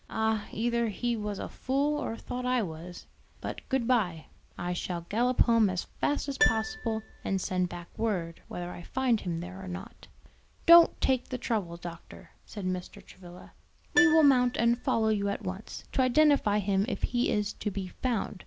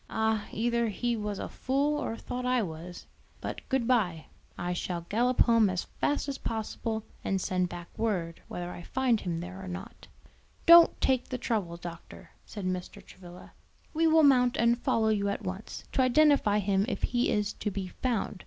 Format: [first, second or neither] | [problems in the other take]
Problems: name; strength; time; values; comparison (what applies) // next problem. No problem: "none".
second | background sound (Piano); 14 dB below the speech